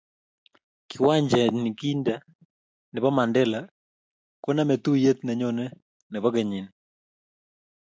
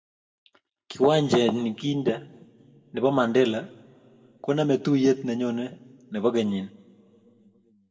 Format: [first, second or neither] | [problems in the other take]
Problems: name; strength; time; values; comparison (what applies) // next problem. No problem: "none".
first | room echo; dies away in 1.1 s